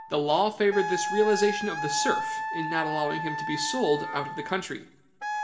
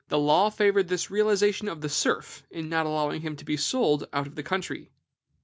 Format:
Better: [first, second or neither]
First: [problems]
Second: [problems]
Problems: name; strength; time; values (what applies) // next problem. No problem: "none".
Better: second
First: background sound (Wind instrument, woodwind instrument); 5 dB below the speech // room echo; dies away in 0.6 s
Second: none